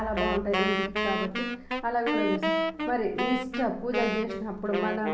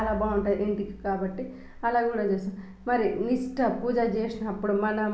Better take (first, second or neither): second